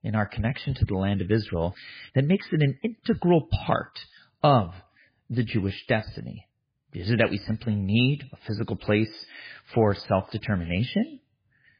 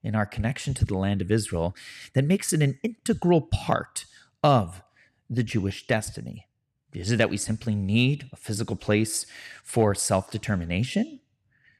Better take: second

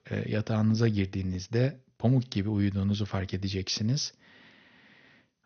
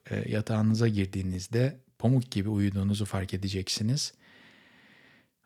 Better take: second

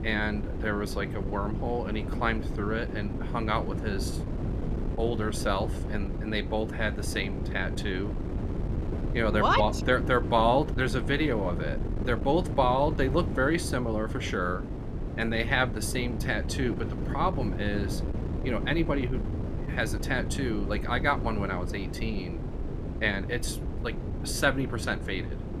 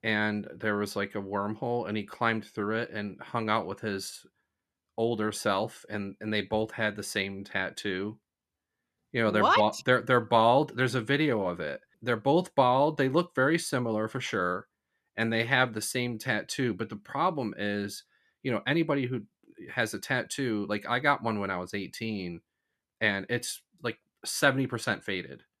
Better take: second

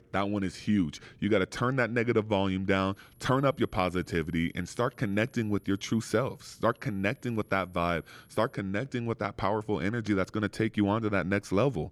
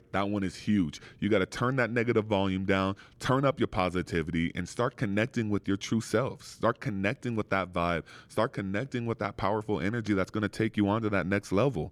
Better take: second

